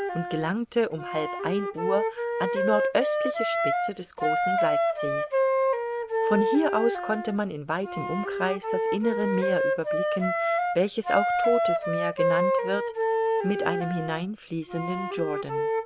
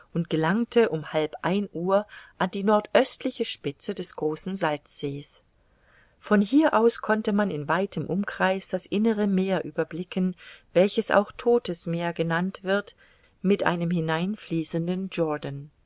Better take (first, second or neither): second